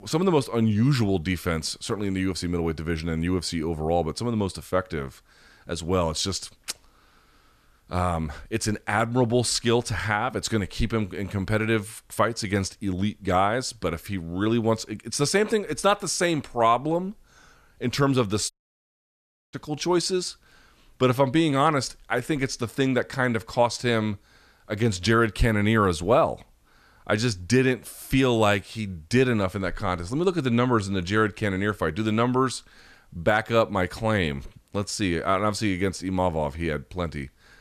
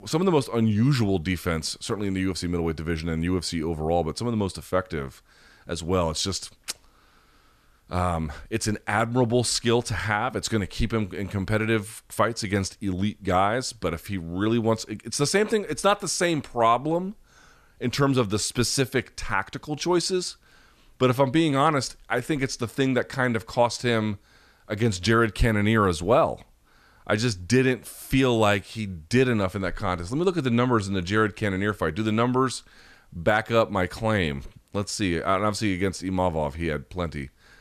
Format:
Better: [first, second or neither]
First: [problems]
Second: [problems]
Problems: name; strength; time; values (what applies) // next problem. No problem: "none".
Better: second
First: audio cutting out; at 19 s for 1 s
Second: none